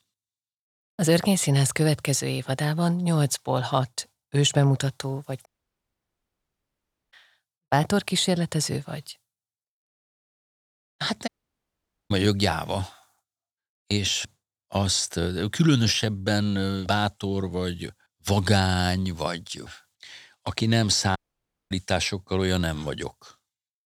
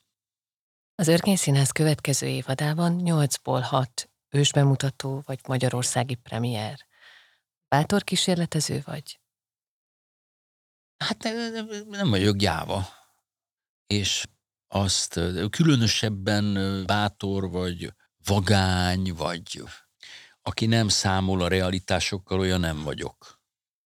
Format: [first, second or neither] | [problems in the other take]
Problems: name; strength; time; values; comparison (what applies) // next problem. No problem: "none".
second | audio cutting out; at 5.5 s for 1.5 s, at 11 s for 1 s and at 21 s for 0.5 s